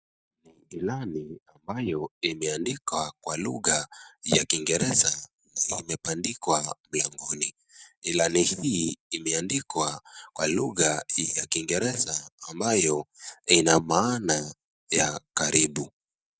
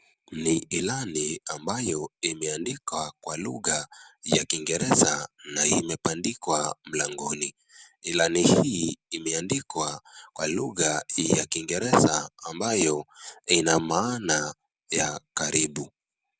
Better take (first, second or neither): second